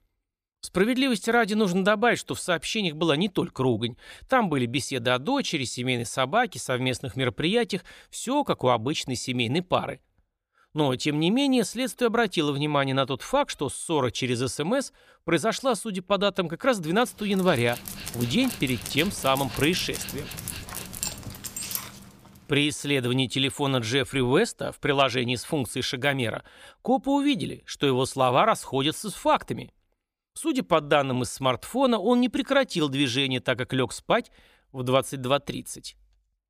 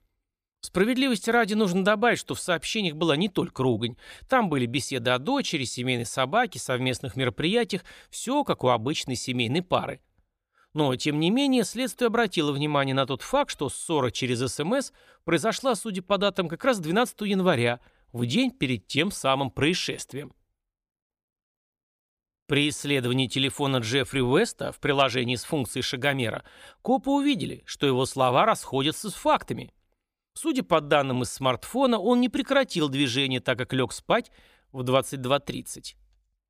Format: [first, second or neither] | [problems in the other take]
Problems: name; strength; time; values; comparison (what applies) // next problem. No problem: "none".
second | dog barking; noticeable; from 17 to 22 s; peak 5 dB below the speech